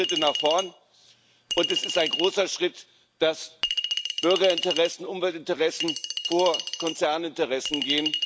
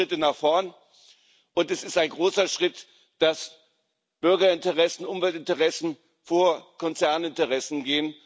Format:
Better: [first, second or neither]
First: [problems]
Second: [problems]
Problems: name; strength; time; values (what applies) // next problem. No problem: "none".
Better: second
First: background sound (Chink, clink); 5 dB below the speech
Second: none